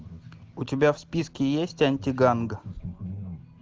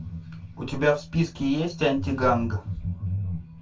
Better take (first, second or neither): first